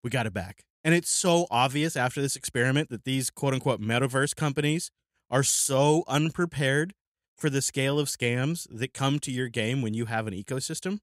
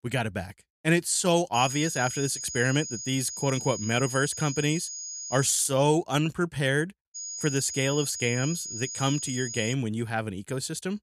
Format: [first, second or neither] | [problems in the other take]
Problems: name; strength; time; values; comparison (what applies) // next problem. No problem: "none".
first | high-pitched whine; loud; from 1.5 to 5.5 s and from 7 to 9.5 s; 6.5 kHz, 7 dB below the speech